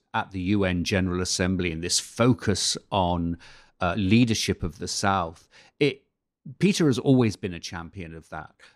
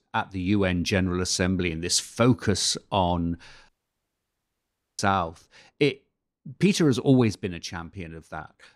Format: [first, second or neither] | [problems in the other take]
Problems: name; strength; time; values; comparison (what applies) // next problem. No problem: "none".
first | audio cutting out; at 3.5 s for 1.5 s